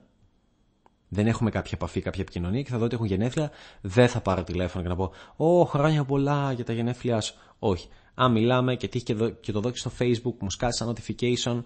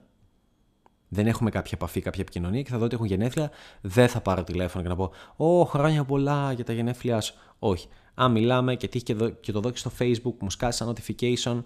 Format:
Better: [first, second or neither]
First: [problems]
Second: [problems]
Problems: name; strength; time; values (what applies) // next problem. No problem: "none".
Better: second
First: garbled, watery; slightly; nothing above 8 kHz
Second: none